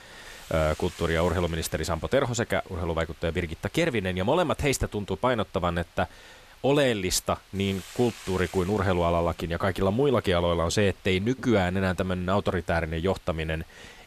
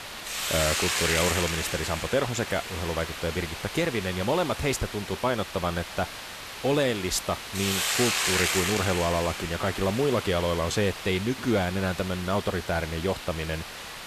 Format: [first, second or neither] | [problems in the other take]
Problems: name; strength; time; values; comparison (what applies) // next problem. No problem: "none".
first | hiss; loud; throughout; 2 dB below the speech; faint in the first